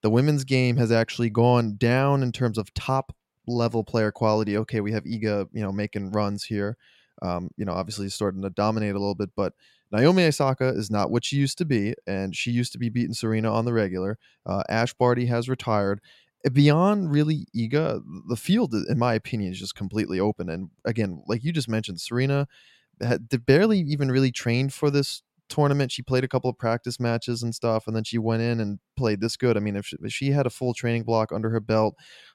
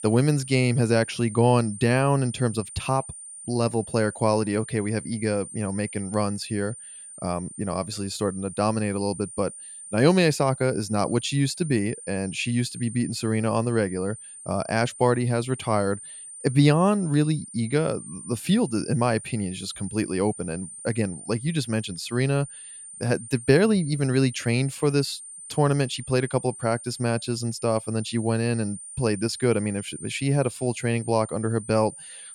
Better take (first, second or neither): first